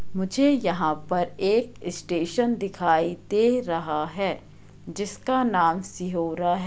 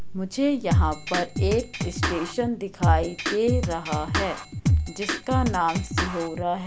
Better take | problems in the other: first | background sound (Drum kit); 2 dB above the speech

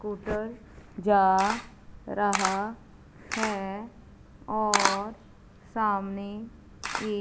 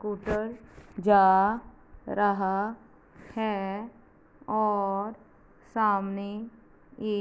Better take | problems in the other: second | background sound (Camera); 6 dB below the speech

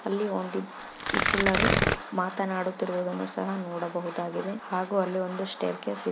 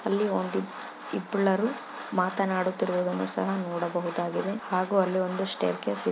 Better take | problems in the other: second | background sound (Tearing); 4 dB above the speech

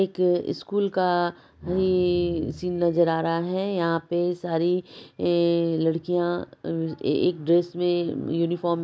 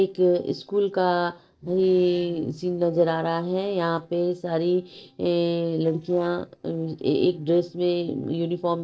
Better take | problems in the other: first | noise reduction (neural separator model SepFormer DNS4)

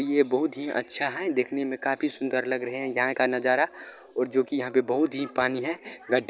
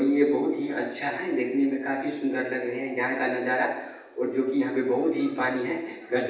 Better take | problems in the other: first | room echo; dies away in 0.9 s

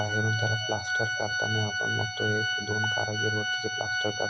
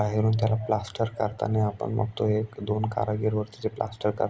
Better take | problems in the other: second | background sound (Organ); 2 dB above the speech

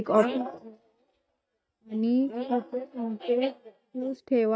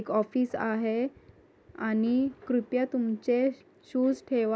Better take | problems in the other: second | noise reduction (neural mask model DeepFilterNet 3)

